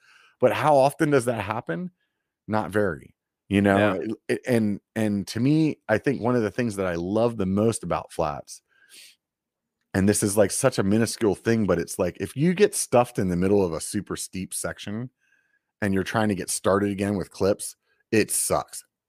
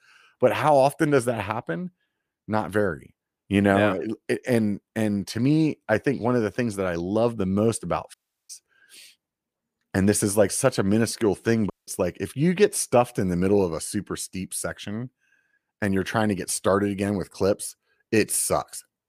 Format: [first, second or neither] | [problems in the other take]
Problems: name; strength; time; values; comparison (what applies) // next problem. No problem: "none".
first | audio cutting out; at 8 s and at 12 s